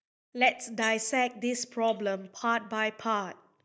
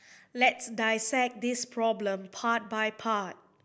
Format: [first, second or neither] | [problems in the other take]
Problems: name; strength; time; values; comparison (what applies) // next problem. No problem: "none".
second | noise reduction (neural mask model DeepFilterNet 3)